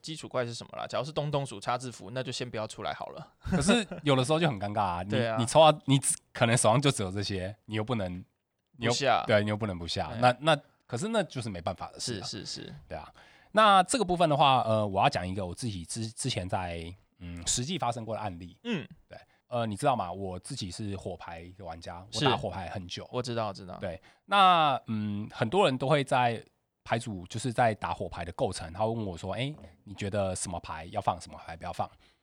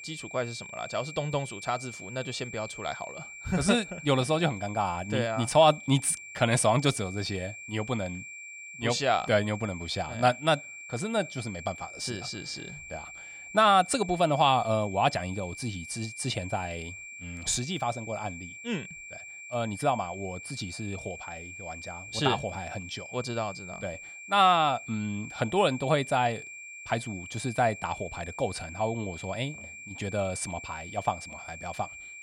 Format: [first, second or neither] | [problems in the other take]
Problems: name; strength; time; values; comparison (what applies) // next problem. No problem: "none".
first | high-pitched whine; noticeable; throughout; 2.5 kHz, 10 dB below the speech